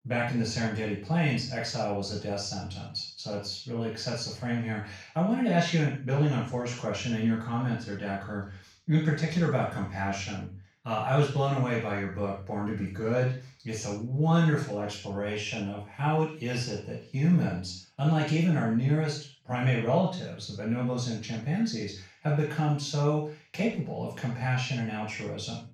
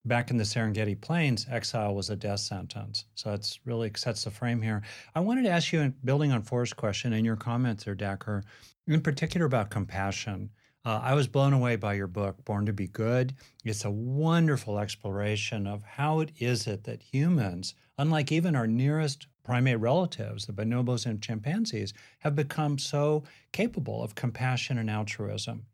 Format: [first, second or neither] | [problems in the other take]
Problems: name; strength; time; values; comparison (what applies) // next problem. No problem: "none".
second | room echo; noticeable; dies away in 0.4 s // off-mic speech; far